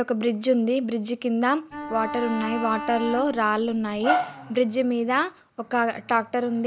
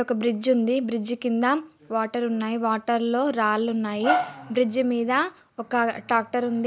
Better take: second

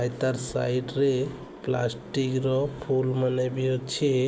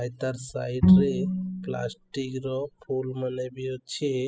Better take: first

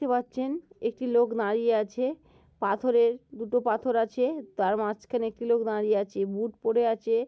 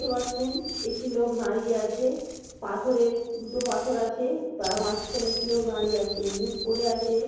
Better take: first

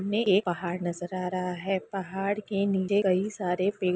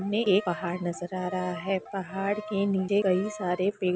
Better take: first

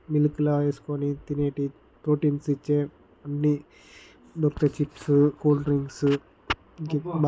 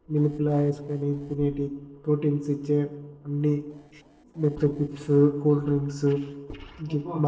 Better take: first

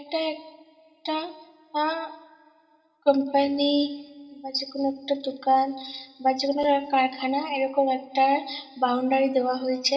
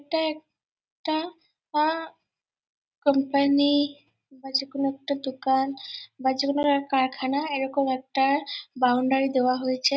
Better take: second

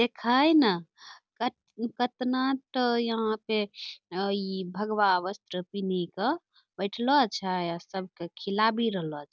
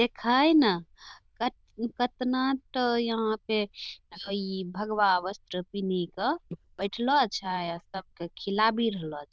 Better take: first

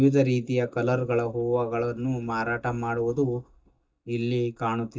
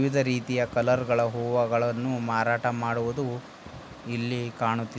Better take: second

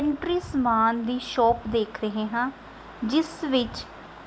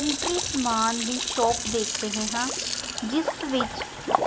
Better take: first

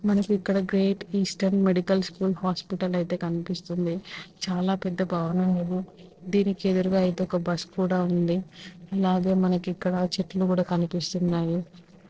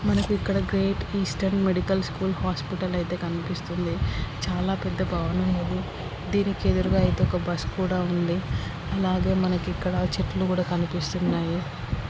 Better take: second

